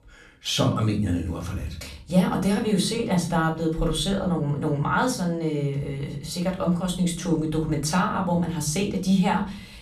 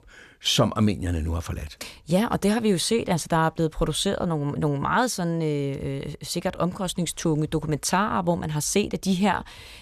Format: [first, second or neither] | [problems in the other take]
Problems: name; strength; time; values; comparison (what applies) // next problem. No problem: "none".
second | room echo; slight; dies away in 0.5 s // off-mic speech; somewhat distant